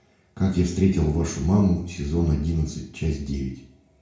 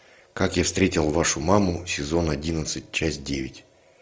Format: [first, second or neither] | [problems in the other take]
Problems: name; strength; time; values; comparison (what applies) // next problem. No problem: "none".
second | room echo; dies away in 0.6 s